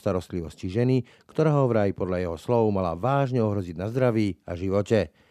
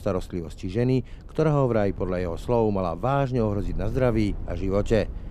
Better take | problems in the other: first | low rumble; faint; throughout; 25 dB below the speech

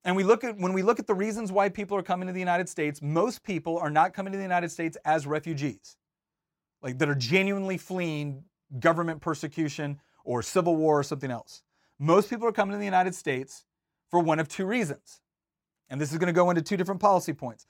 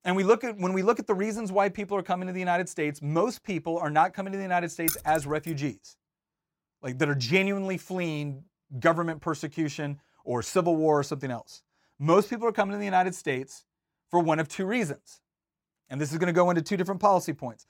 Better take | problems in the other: first | jangling keys; noticeable; at 5 s; peak 2 dB below the speech

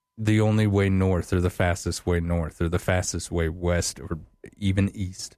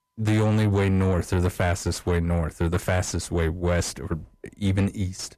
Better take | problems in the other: first | distortion; slight; 10 dB below the speech

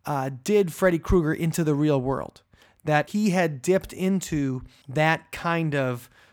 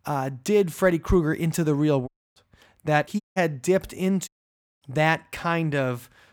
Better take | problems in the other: first | audio cutting out; at 2 s, at 3 s and at 4.5 s for 0.5 s

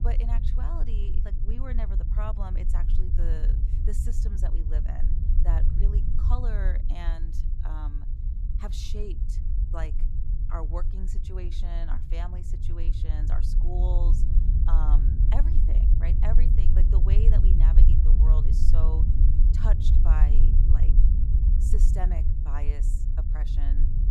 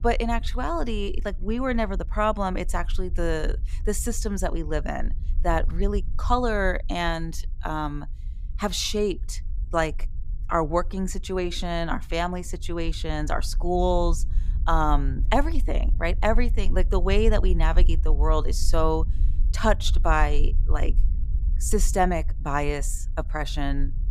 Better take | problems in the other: second | low rumble; loud; throughout; 3 dB below the speech; faint in the second

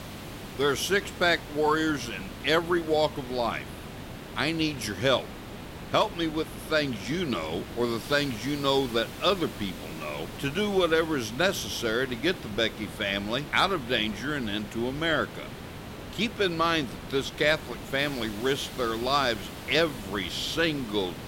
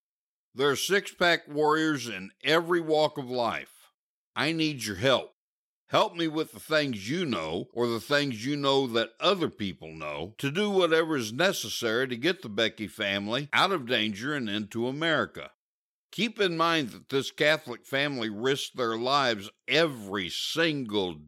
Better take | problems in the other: second | hiss; noticeable; throughout; 10 dB below the speech

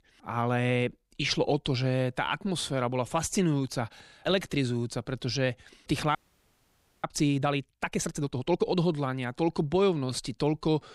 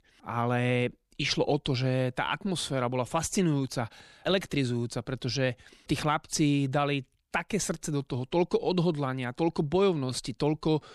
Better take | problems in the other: second | audio freezing; at 6 s for 1 s

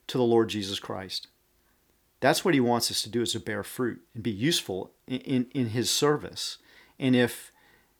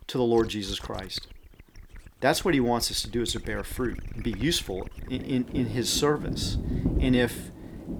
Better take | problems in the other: first | rain or running water; loud; throughout; 9 dB below the speech

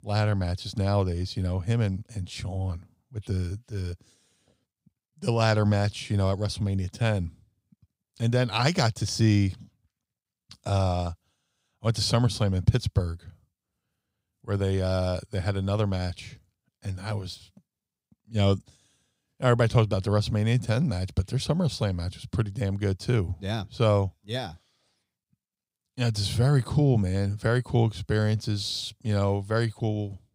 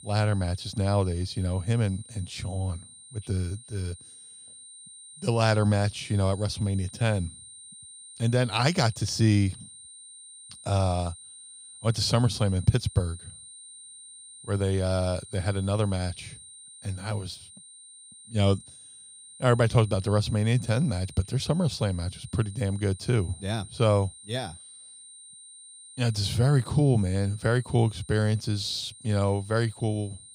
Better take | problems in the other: first | high-pitched whine; noticeable; throughout; 9 kHz, 20 dB below the speech

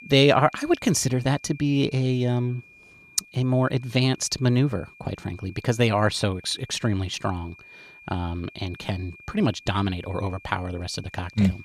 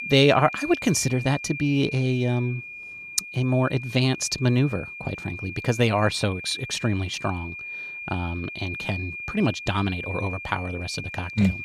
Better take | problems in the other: first | high-pitched whine; loud; throughout; 2.5 kHz, 9 dB below the speech; faint in the first

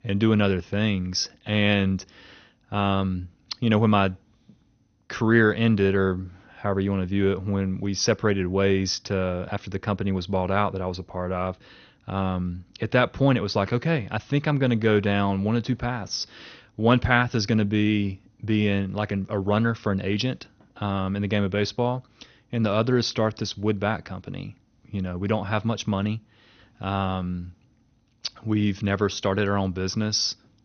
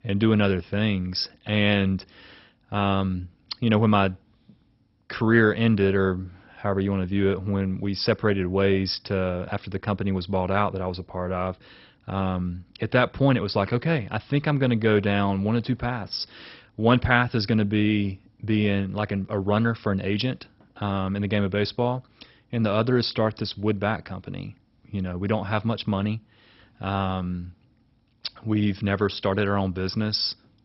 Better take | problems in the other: first | garbled, watery; badly; nothing above 5.5 kHz; slightly in the first

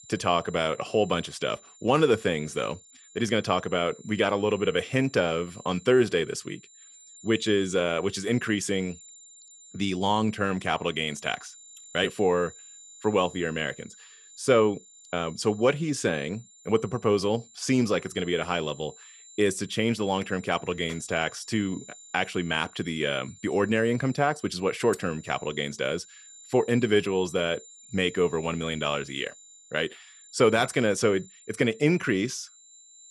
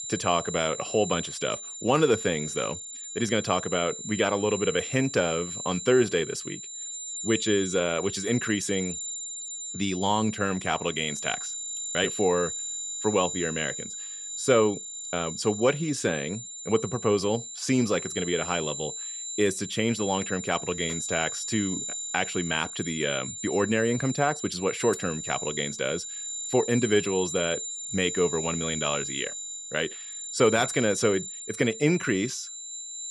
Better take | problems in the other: first | high-pitched whine; loud; throughout; 7 kHz, 6 dB below the speech; faint in the first

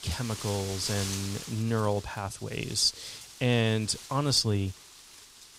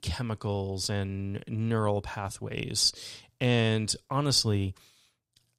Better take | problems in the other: second | wind noise on the microphone; occasional gusts; 10 dB below the speech

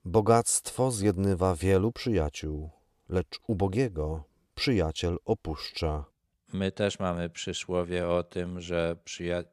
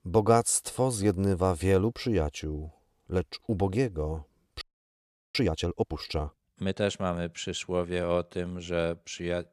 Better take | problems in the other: first | audio freezing; at 4.5 s for 0.5 s

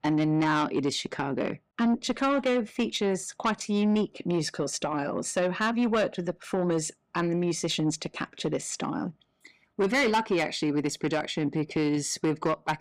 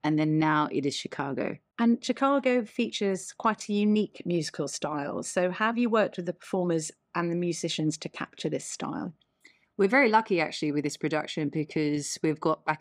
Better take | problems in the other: second | distortion; slight; 10 dB below the speech

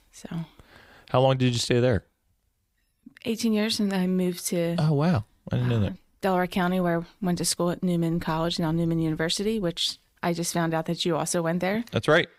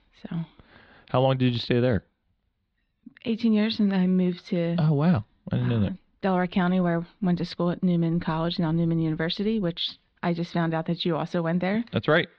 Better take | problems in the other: first | muffled; very slightly; fading above 4 kHz

